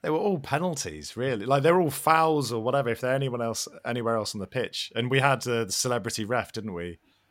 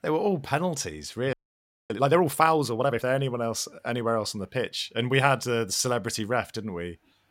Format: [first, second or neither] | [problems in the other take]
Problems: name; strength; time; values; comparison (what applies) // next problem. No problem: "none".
first | audio freezing; at 1.5 s for 0.5 s